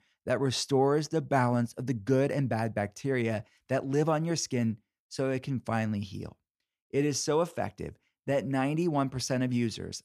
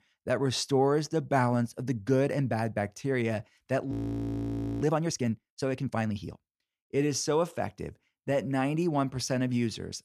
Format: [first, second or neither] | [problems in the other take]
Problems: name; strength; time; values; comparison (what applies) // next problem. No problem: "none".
first | audio freezing; at 4 s for 1 s